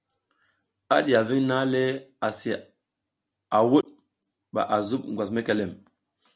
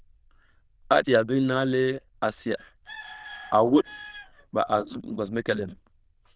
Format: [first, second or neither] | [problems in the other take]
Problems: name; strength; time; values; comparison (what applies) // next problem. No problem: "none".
first | noise reduction (neural diffusion model UNIVERSE++)